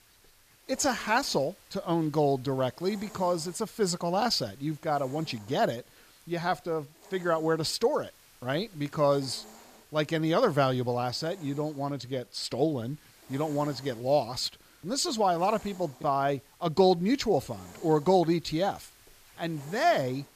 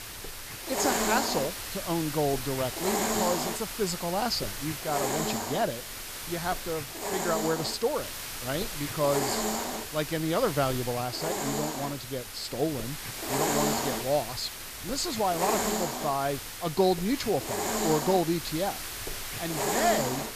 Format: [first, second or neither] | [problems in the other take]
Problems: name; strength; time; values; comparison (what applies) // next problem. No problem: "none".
first | hiss; loud; throughout; 1 dB below the speech; faint in the first